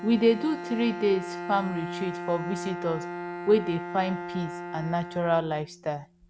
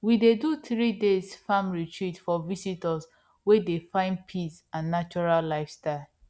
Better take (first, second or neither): second